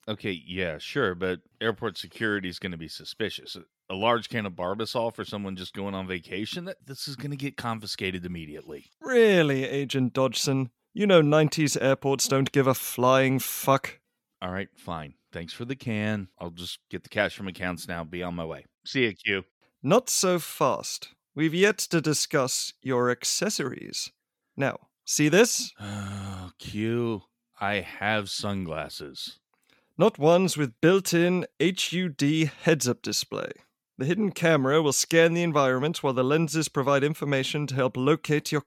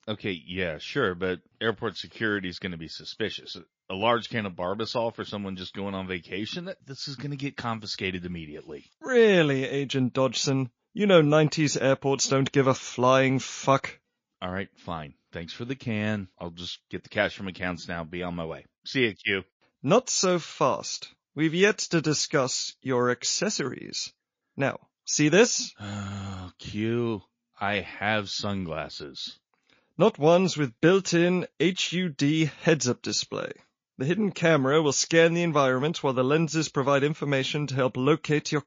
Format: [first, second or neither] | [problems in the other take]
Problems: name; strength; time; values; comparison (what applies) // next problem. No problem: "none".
first | garbled, watery; slightly; nothing above 6.5 kHz